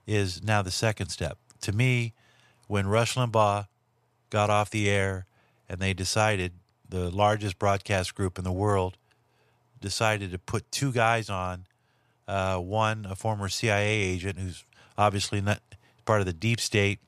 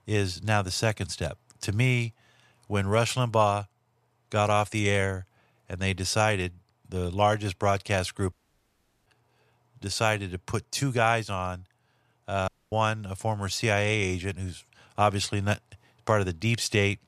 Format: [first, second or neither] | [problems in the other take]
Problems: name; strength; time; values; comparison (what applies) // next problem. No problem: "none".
first | audio cutting out; at 8.5 s for 0.5 s and at 12 s